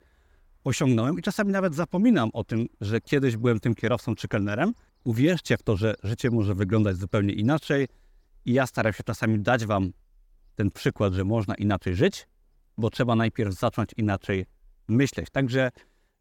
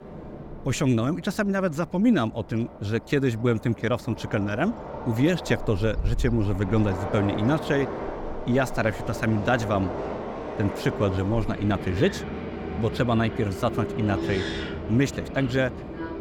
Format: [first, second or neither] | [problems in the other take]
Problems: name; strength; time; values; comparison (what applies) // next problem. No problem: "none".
first | train or aircraft noise; loud; throughout; 8 dB below the speech